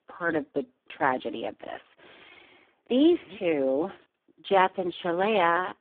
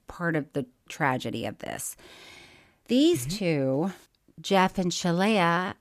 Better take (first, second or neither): second